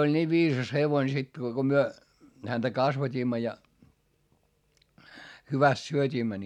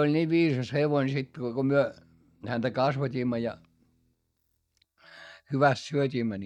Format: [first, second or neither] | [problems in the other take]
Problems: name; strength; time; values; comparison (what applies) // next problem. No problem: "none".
first | noise reduction (neural mask model DeepFilterNet 3)